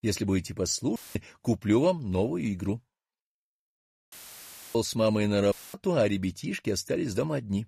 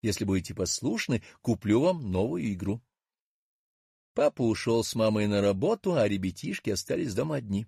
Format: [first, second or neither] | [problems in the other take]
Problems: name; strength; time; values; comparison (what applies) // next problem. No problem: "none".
second | audio cutting out; filled with static; at 1 s, at 4 s for 0.5 s and at 5.5 s